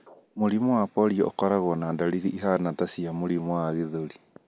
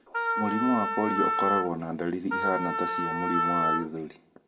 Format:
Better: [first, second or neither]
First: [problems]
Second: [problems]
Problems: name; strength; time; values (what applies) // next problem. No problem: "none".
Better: first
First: none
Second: background sound (Wind instrument, woodwind instrument); 2 dB above the speech // room echo; dies away in 0.4 s